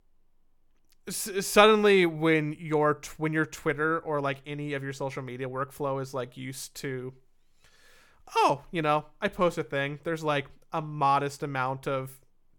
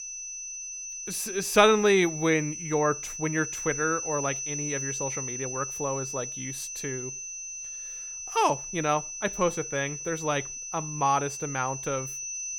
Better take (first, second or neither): first